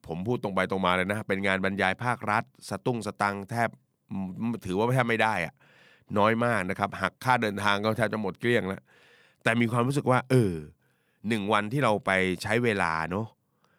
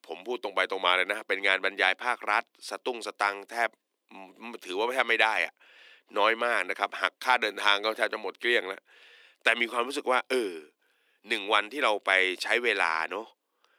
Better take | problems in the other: first | thin; very; fading below 300 Hz

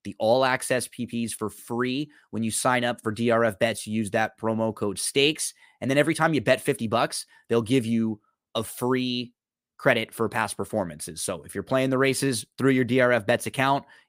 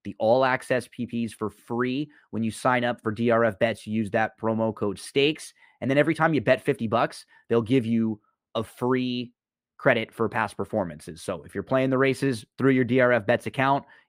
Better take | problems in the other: first | muffled; slightly; fading above 4 kHz

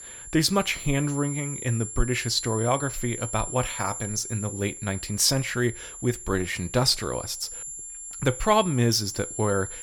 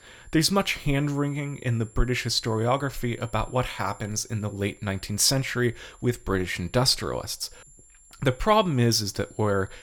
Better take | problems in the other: second | high-pitched whine; loud; throughout; 7.5 kHz, 9 dB below the speech; faint in the second

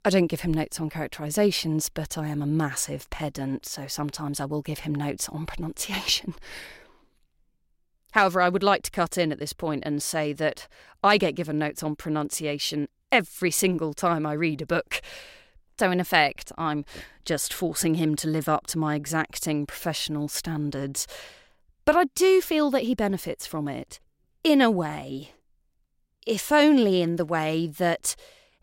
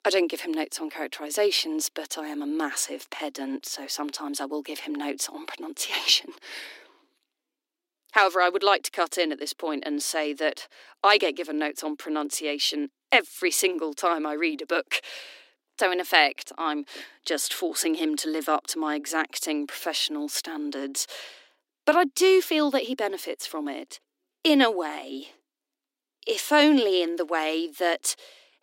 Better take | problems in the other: first | thin; very slightly; fading below 250 Hz

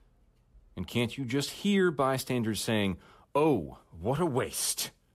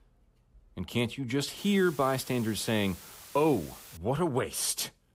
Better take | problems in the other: first | hiss; noticeable; from 1.5 to 4 s; 15 dB below the speech

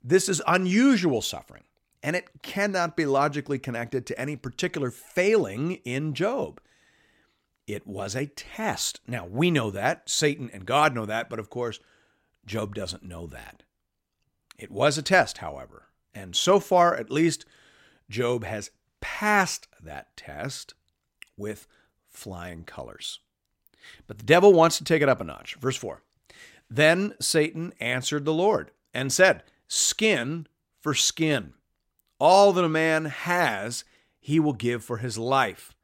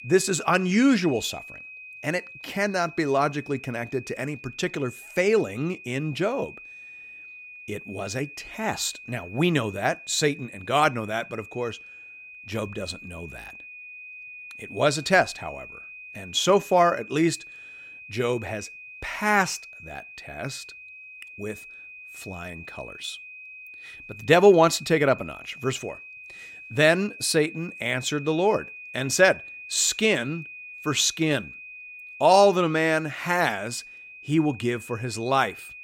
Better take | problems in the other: first | high-pitched whine; noticeable; throughout; 2.5 kHz, 15 dB below the speech

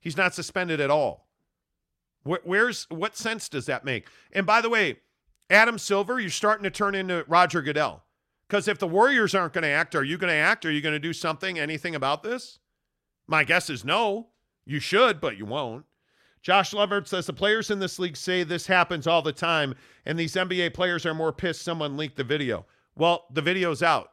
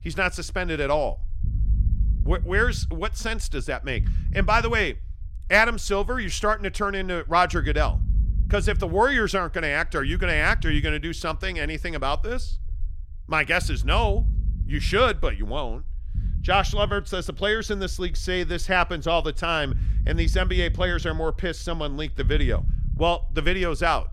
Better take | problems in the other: first | low rumble; faint; throughout; 25 dB below the speech

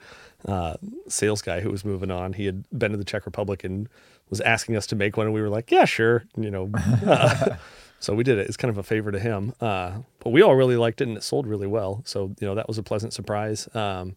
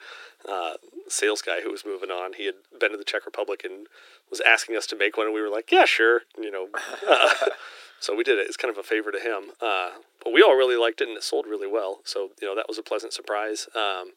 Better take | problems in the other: first | thin; very; fading below 300 Hz

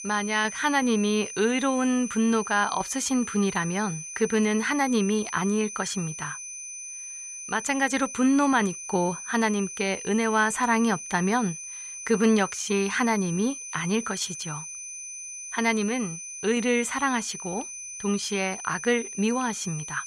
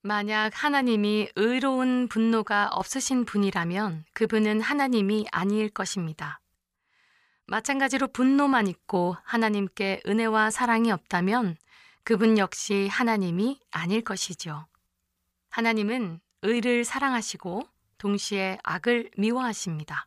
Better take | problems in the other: second | high-pitched whine; loud; throughout; 6 kHz, 9 dB below the speech

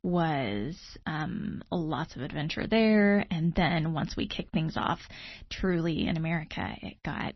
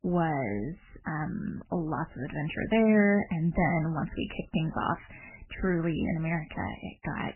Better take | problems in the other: first | garbled, watery; badly; nothing above 3 kHz; slightly in the first

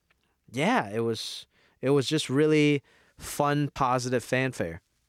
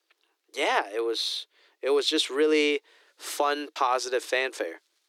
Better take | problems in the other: first | thin; somewhat; fading below 300 Hz

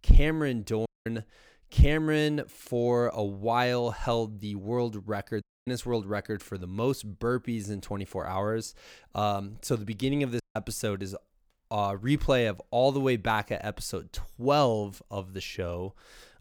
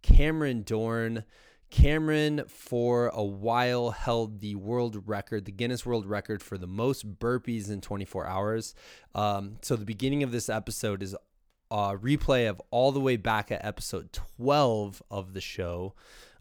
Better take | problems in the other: second | audio cutting out; at 1 s, at 5.5 s and at 10 s

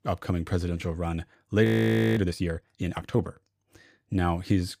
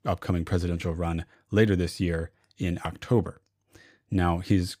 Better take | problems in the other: second | audio freezing; at 1.5 s for 0.5 s

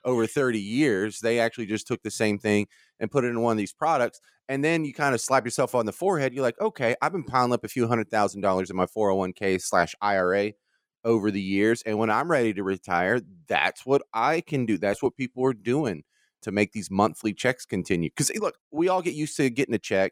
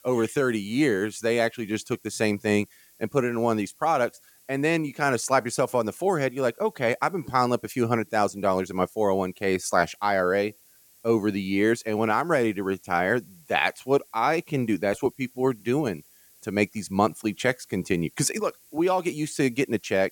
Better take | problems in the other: first | hiss; faint; throughout; 30 dB below the speech

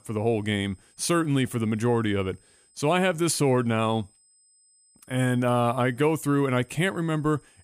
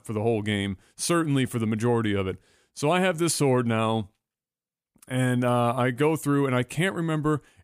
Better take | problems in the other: second | high-pitched whine; faint; throughout; 8 kHz, 35 dB below the speech

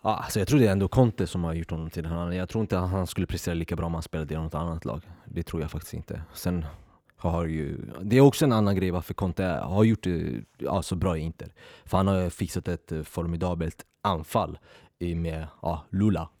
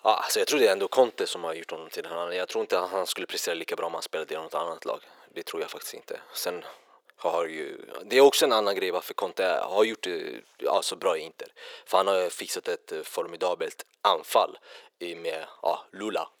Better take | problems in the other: first | thin; very; fading below 450 Hz

